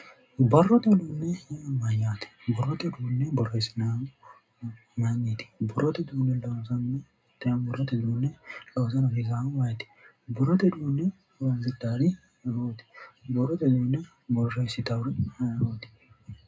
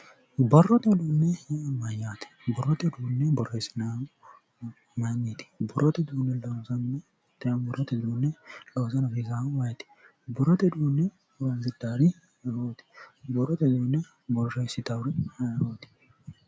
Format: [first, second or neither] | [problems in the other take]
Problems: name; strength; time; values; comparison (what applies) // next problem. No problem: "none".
second | room echo; dies away in 0.2 s